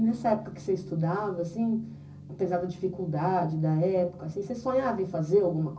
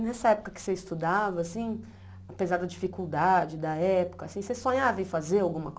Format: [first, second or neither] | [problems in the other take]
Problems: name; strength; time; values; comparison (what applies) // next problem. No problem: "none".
second | background sound (Gong); 19 dB below the speech // room echo; dies away in 0.4 s